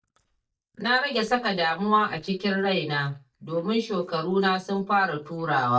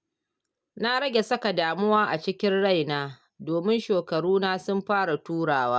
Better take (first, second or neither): second